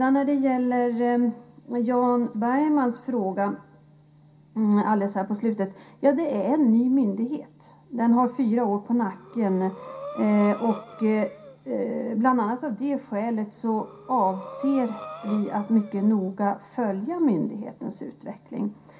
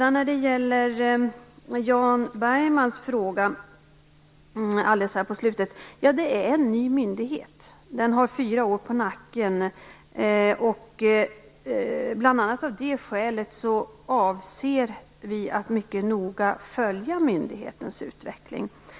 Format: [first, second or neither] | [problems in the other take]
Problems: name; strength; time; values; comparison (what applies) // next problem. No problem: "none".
second | background sound (Breathing); 17 dB below the speech // room echo; dies away in 0.3 s